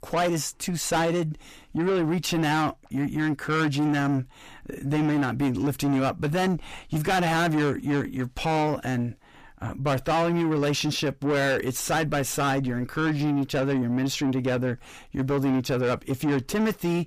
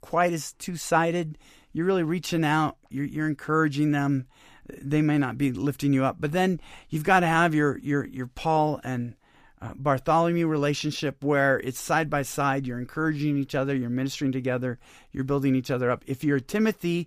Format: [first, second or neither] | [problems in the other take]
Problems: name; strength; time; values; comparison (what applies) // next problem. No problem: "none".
second | distortion; heavy; 8 dB below the speech